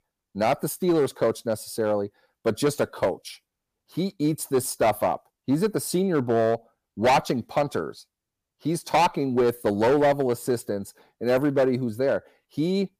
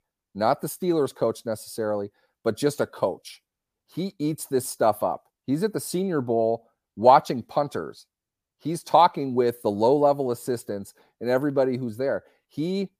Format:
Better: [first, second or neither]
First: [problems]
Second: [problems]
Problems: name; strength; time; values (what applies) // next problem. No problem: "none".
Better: second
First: distortion; heavy; 5% of the sound clipped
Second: none